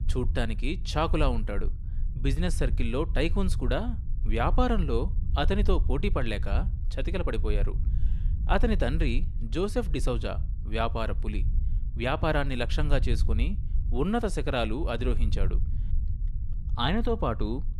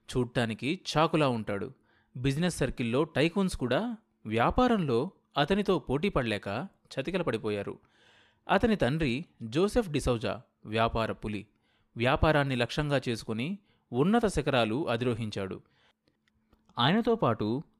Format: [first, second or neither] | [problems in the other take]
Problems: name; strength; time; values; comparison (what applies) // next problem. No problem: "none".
second | low rumble; noticeable; throughout; 20 dB below the speech